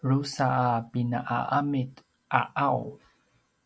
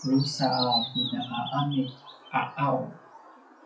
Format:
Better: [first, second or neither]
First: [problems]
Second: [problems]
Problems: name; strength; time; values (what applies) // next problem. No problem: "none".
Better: first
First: none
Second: noise reduction (classical method WPE with log-MMSE)